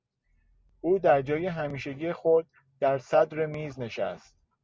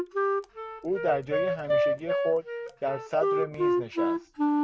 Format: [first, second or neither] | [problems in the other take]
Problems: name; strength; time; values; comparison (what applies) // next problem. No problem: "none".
first | background sound (Wind instrument, woodwind instrument); 4 dB above the speech